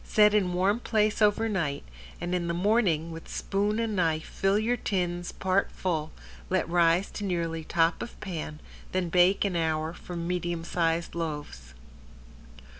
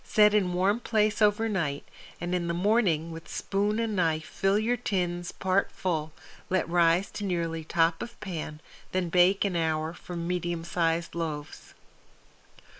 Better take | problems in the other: first | noise reduction (neural mask model Resemble Enhance denoiser)

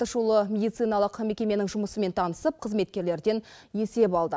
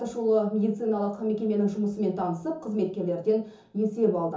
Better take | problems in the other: first | room echo; dies away in 0.6 s

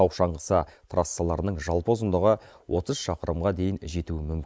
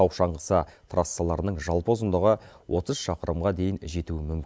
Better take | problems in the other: second | noise reduction (neural mask model Resemble Enhance denoiser)

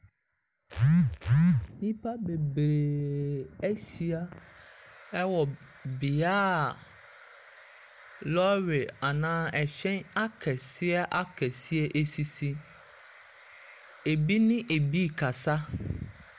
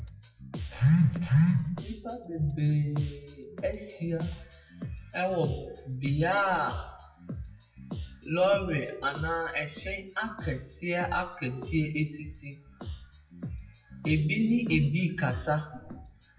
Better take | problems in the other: first | noise reduction (classical method WPE with log-MMSE)

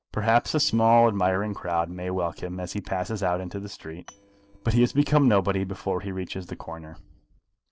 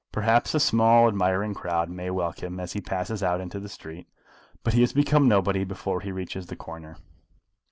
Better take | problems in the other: second | noise reduction (neural separator model SepFormer DNS4)

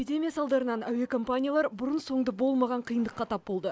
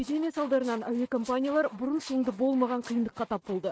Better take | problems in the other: first | noise reduction (neural mask model RNNoise)

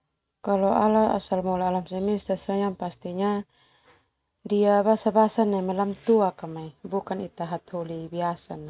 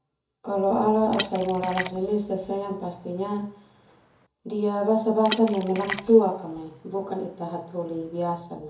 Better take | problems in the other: first | background sound (Water / Splash, splatter); 13 dB below the speech // room echo; dies away in 0.6 s

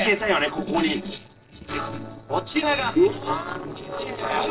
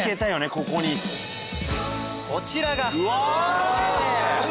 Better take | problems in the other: second | noise reduction (neural separator model SepFormer DNS4)

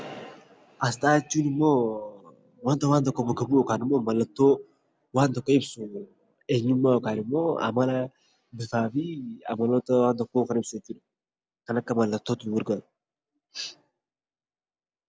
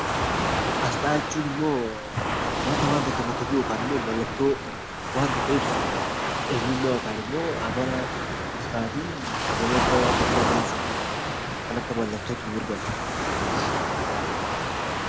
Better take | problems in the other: first | background sound (Waves, surf); 3 dB above the speech

